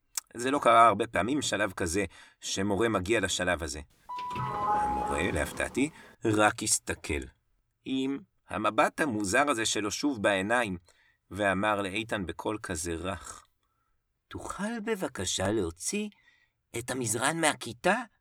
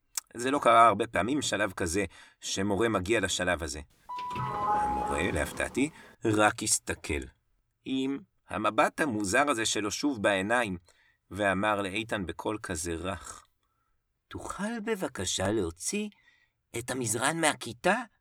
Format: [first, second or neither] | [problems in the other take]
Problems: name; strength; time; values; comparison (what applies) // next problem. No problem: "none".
neither | doorbell; loud; from 4 to 5.5 s; peak level with the speech; the same in both